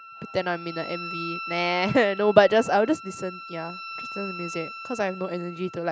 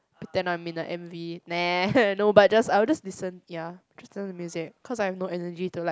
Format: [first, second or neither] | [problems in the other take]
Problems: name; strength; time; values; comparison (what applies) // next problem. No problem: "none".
second | background sound (Wind instrument, woodwind instrument); 12 dB below the speech